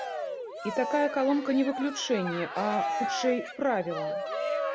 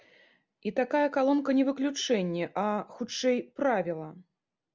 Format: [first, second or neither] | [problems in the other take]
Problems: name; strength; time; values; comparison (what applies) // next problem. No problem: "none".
second | background sound (Cheering); 4 dB below the speech